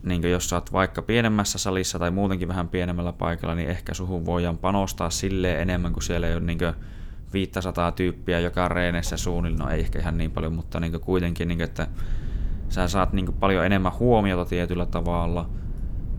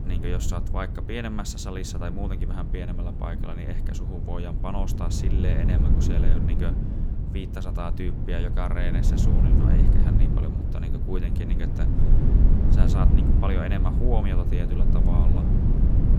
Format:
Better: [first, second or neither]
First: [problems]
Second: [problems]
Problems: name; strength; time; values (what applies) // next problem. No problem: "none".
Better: first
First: low rumble; faint; throughout; 25 dB below the speech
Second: low rumble; loud; throughout; 1 dB below the speech